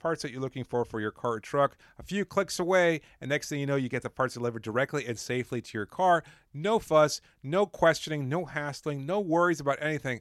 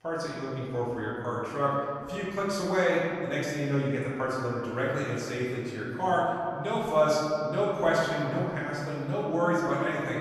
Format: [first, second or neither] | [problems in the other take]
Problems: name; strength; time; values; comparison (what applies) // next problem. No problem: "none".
first | off-mic speech; far // room echo; noticeable; dies away in 2.2 s